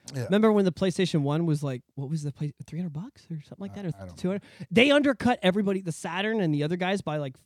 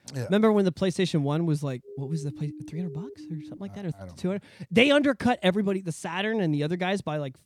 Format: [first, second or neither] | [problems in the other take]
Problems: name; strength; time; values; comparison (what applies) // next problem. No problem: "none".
first | siren; faint; from 2 to 3.5 s; peak 15 dB below the speech